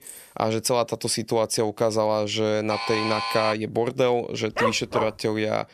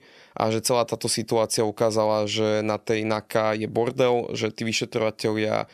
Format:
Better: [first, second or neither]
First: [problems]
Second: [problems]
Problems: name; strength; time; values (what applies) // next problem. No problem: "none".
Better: second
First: jangling keys; faint; at the start; peak 15 dB below the speech // alarm; noticeable; at 2.5 s; peak 2 dB below the speech // dog barking; noticeable; at 4.5 s; peak 1 dB below the speech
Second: none